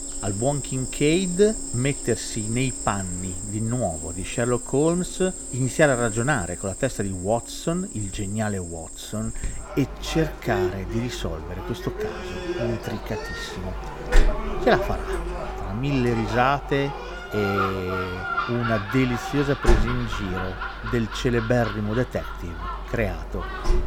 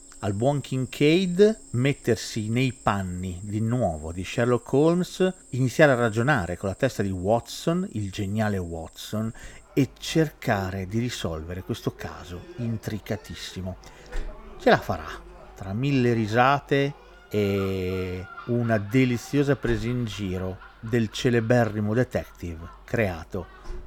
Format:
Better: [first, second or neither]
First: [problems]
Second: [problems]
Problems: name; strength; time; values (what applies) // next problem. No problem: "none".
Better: second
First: animal sounds; loud; throughout; 5 dB below the speech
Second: animal sounds; faint; throughout; 20 dB below the speech